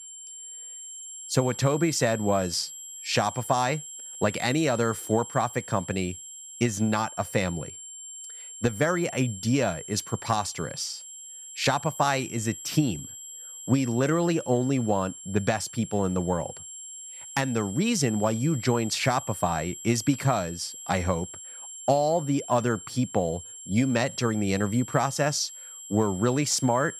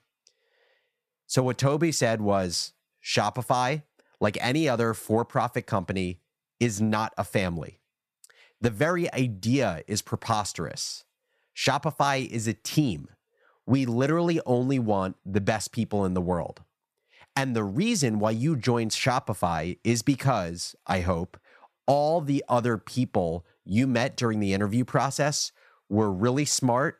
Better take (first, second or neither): second